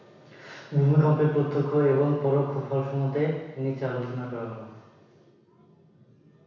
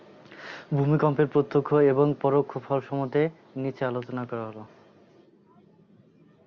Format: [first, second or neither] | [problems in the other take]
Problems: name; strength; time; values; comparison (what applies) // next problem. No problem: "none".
second | room echo; dies away in 1 s